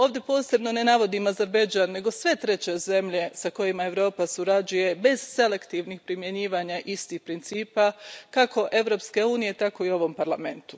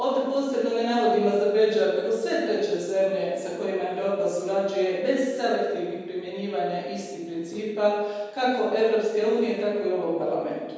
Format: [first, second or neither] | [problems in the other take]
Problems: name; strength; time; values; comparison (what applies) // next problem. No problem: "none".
first | room echo; dies away in 1.2 s